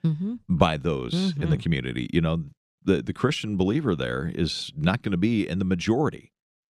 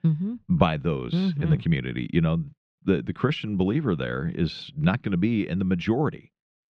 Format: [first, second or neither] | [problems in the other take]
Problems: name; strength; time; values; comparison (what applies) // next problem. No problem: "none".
first | muffled; very slightly; fading above 2.5 kHz